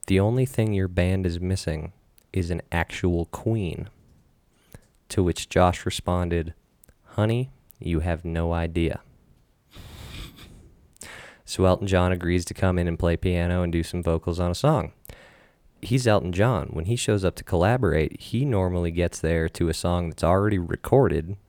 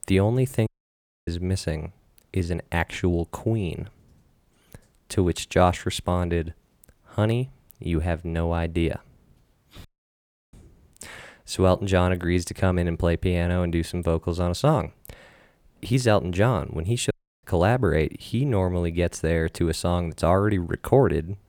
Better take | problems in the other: first | audio cutting out; at 0.5 s for 0.5 s, at 10 s for 0.5 s and at 17 s

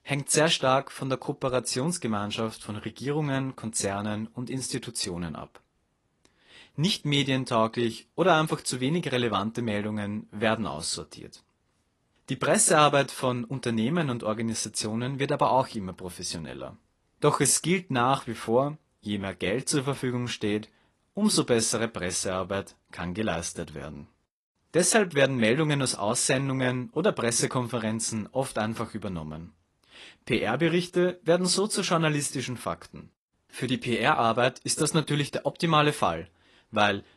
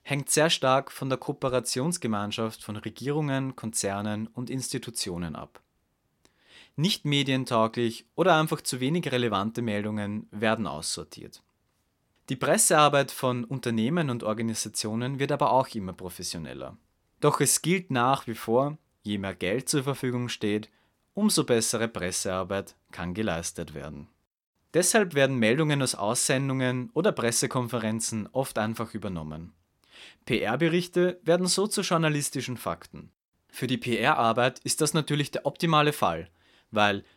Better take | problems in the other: second | garbled, watery; slightly; nothing above 11 kHz

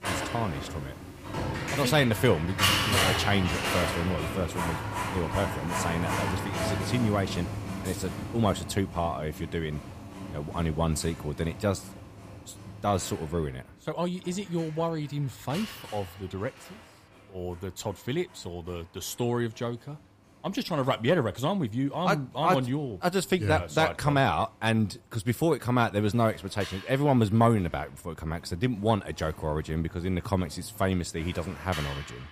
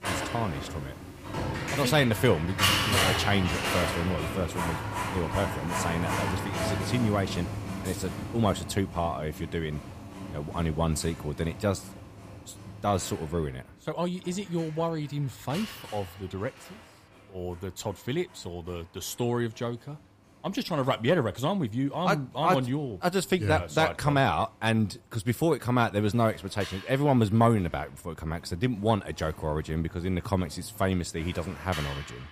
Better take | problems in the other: neither | household noises; loud; throughout; 3 dB below the speech; the same in both

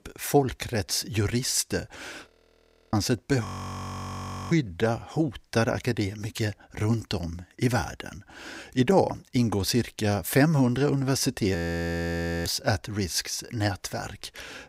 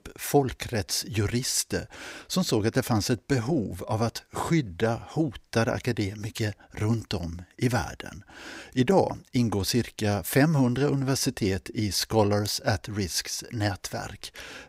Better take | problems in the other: second | audio freezing; at 2.5 s for 0.5 s, at 3.5 s for 1 s and at 12 s for 1 s

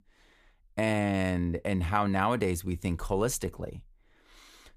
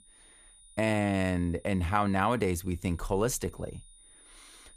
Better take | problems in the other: first | high-pitched whine; faint; throughout; 9.5 kHz, 25 dB below the speech

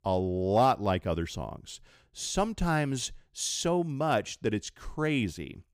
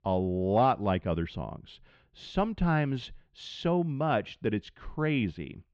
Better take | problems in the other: first | muffled; very; fading above 3.5 kHz

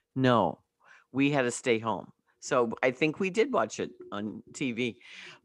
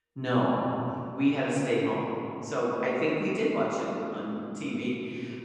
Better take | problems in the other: first | room echo; strong; dies away in 2.8 s // off-mic speech; far

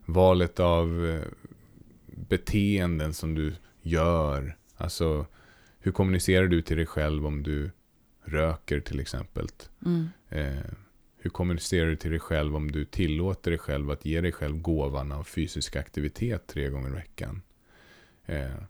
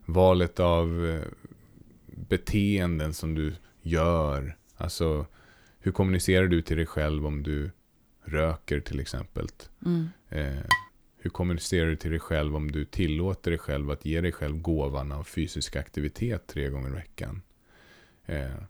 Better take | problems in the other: first | clattering dishes; loud; at 11 s; peak 3 dB above the speech

